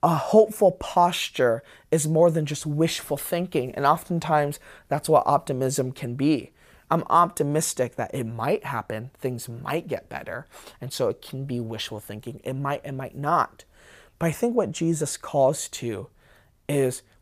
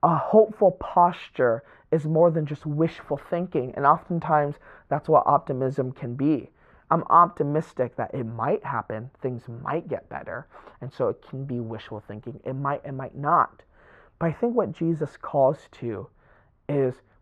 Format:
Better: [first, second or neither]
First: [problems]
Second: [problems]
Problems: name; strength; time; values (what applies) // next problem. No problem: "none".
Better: first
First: none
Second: muffled; very; fading above 4 kHz